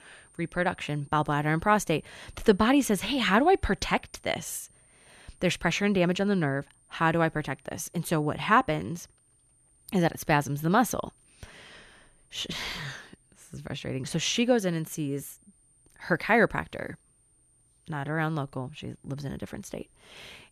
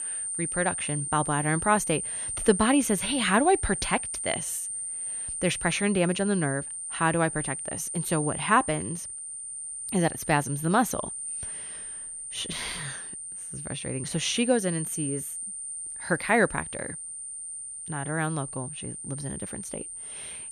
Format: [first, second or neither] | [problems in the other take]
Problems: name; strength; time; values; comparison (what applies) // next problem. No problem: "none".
first | high-pitched whine; loud; throughout; 9 kHz, 5 dB below the speech; faint in the first